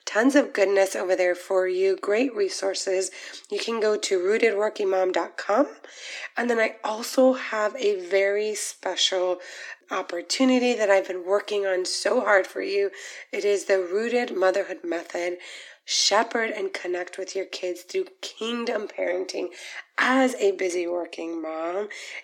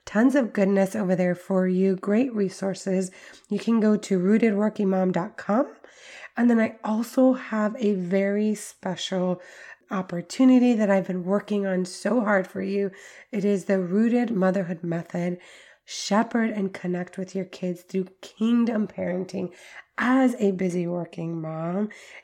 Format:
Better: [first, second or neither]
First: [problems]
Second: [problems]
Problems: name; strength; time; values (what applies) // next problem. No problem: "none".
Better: second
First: thin; somewhat; fading below 300 Hz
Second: none